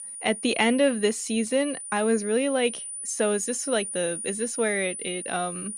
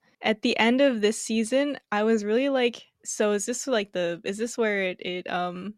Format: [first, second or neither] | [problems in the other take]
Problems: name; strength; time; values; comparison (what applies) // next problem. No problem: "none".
second | high-pitched whine; loud; throughout; 9.5 kHz, 7 dB below the speech